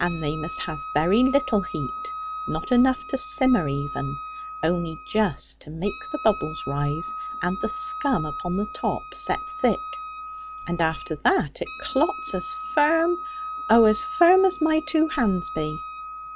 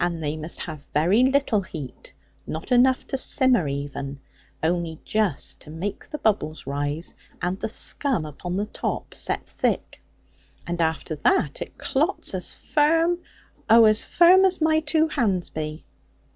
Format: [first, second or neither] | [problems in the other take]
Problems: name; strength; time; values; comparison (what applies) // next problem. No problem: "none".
second | background sound (Wind instrument, woodwind instrument); 10 dB below the speech